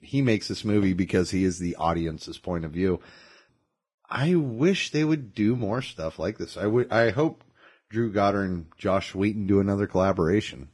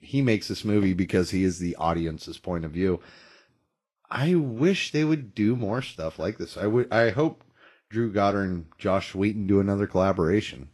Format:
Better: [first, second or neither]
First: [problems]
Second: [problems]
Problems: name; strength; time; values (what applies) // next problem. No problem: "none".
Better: second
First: garbled, watery; badly; nothing above 11.5 kHz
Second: garbled, watery; slightly; nothing above 12 kHz